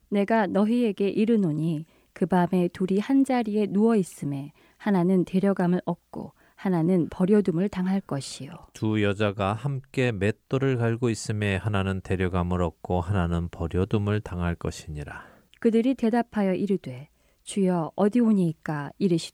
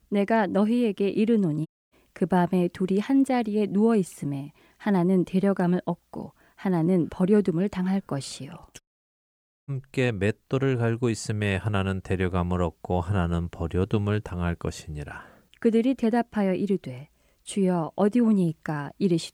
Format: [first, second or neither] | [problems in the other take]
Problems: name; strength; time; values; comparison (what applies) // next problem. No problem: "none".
first | audio cutting out; at 1.5 s and at 9 s for 1 s